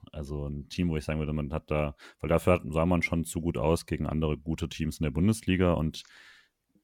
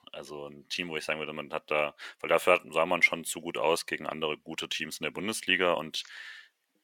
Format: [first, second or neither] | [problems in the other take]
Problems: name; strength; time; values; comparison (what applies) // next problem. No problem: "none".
first | thin; very; fading below 500 Hz